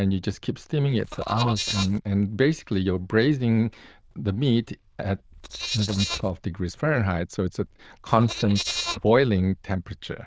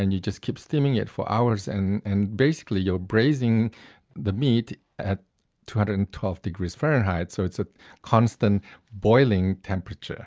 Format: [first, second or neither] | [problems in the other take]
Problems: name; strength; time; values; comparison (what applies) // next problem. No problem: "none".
second | noise reduction (neural diffusion model UNIVERSE++)